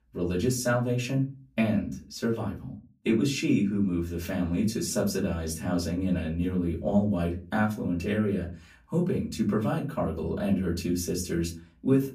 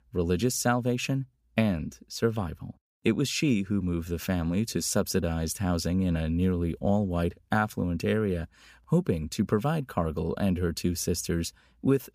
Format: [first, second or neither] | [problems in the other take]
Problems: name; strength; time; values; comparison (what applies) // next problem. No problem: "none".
second | off-mic speech; far // room echo; very slight; dies away in 0.3 s